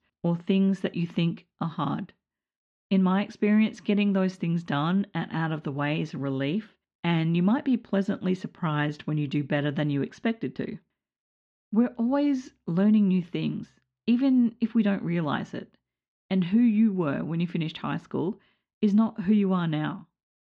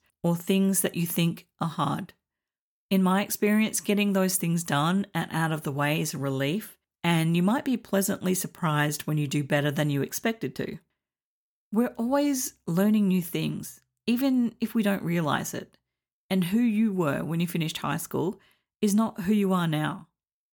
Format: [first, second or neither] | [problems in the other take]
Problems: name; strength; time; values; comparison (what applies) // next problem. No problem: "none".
second | muffled; slightly; fading above 4 kHz